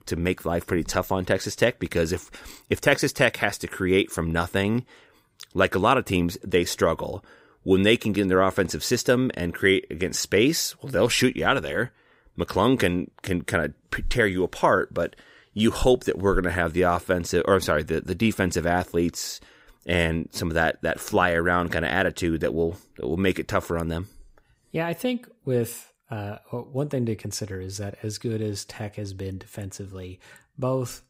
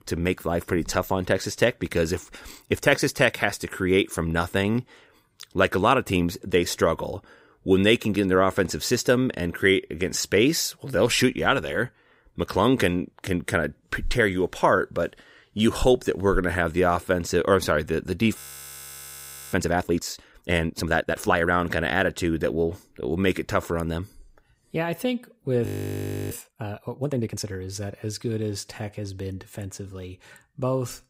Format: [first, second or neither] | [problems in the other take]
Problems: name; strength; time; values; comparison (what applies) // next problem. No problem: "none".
first | audio freezing; at 18 s for 1 s and at 26 s for 0.5 s